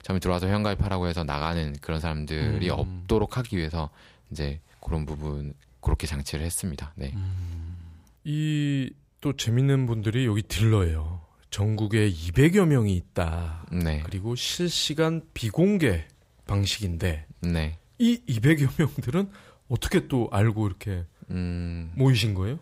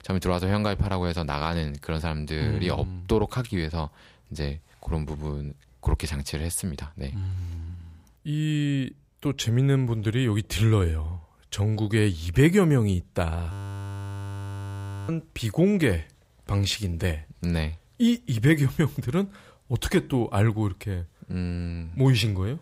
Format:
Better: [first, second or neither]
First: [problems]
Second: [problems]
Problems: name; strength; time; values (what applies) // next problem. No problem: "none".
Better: first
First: none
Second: audio freezing; at 14 s for 1.5 s